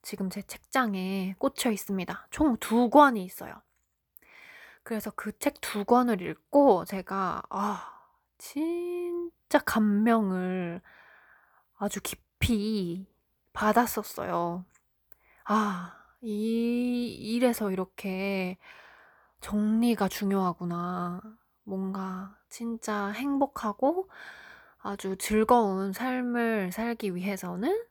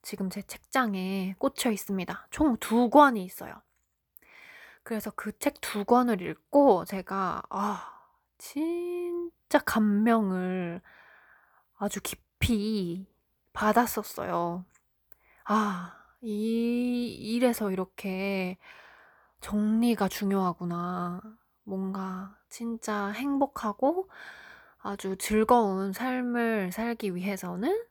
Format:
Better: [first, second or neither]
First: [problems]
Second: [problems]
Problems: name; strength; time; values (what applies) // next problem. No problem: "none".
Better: neither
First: none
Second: none